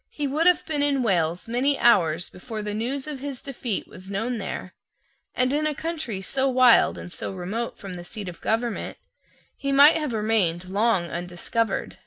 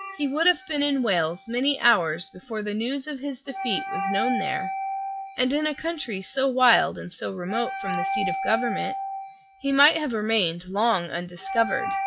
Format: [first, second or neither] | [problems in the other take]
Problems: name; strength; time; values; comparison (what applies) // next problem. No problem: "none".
first | noise reduction (classical method log-MMSE)